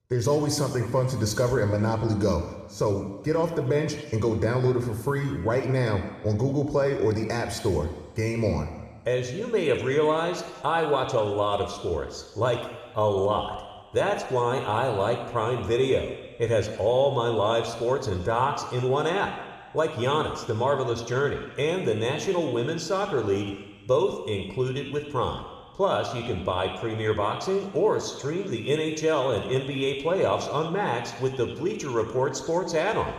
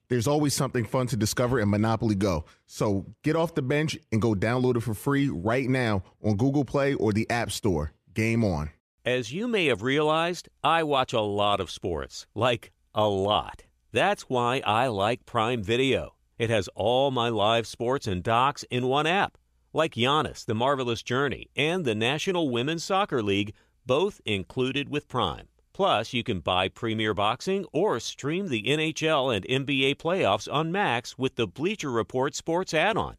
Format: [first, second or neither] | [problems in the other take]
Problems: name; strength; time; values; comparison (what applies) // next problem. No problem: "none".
second | room echo; slight; dies away in 1.3 s